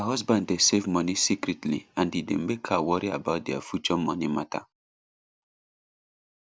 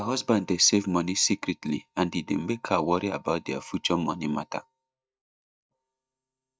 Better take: first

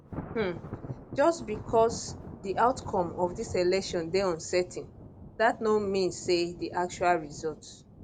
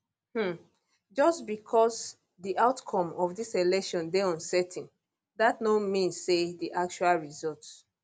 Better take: second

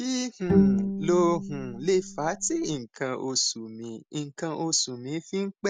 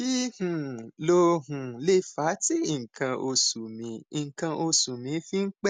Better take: second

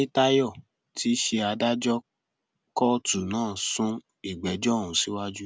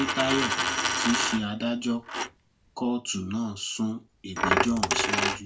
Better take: first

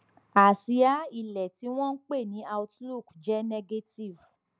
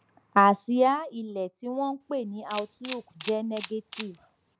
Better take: first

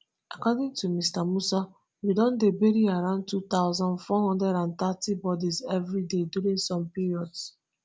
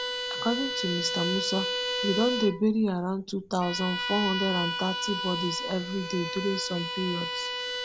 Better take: first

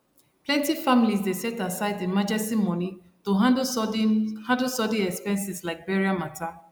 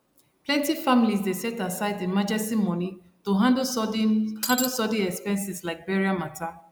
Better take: first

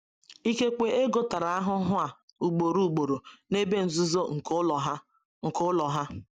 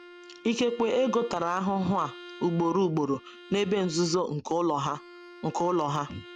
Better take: first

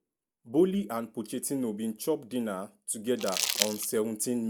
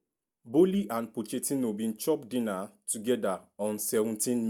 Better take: second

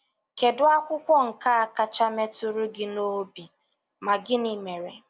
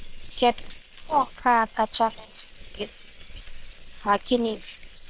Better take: first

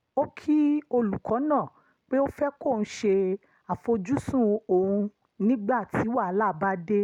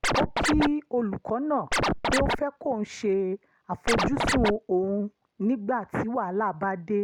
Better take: first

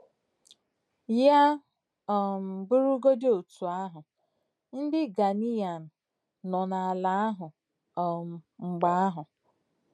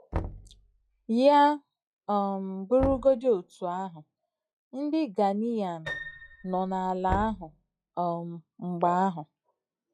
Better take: first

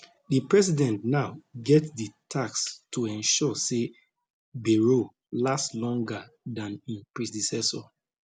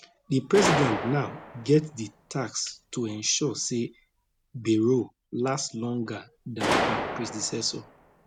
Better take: first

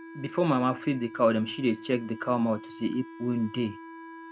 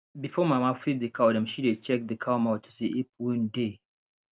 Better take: second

